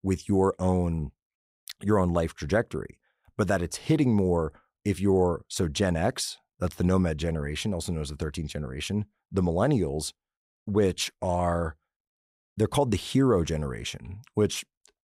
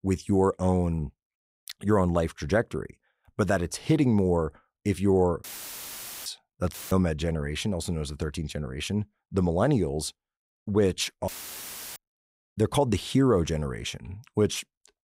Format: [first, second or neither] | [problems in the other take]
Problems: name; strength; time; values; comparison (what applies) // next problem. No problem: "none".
first | audio cutting out; filled with static; at 5.5 s for 1 s, at 6.5 s and at 11 s for 0.5 s